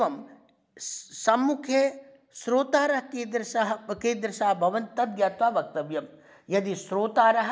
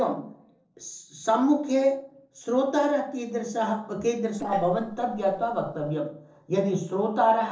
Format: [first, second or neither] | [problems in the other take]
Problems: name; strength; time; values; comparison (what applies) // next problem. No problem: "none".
first | noise reduction (neural separator model SepFormer DNS4)